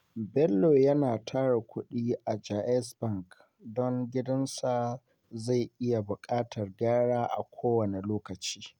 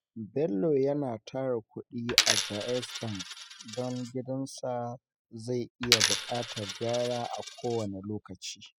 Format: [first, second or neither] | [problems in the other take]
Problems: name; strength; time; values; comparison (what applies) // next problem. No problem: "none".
first | noise reduction (classical method spectral subtraction)